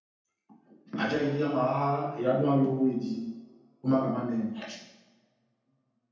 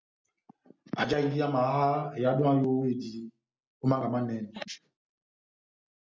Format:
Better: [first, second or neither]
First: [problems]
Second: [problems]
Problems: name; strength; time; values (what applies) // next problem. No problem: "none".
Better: second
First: room echo; dies away in 0.9 s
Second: none